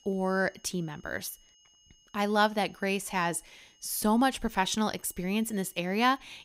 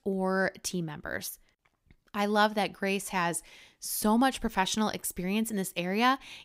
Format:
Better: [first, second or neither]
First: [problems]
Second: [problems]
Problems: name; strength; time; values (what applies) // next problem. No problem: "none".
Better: second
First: high-pitched whine; faint; throughout; 3 kHz, 30 dB below the speech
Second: none